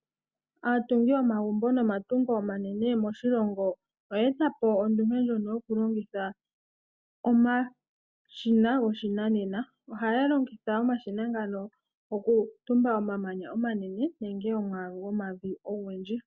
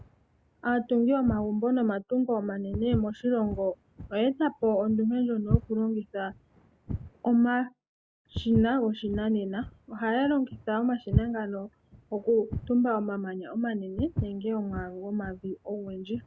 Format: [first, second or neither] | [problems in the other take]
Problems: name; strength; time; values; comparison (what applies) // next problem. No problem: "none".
first | background sound (Walk, footsteps); 9 dB below the speech